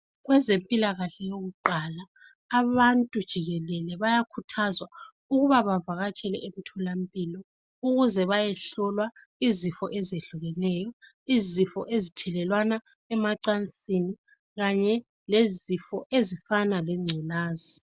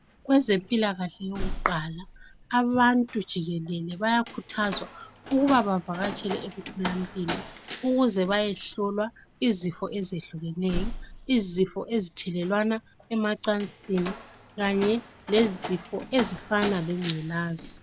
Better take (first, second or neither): first